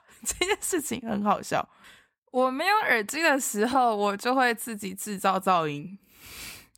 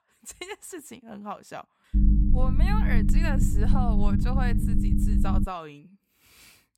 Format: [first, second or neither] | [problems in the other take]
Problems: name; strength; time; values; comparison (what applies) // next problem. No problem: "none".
first | low rumble; loud; from 2 to 5.5 s; 1 dB below the speech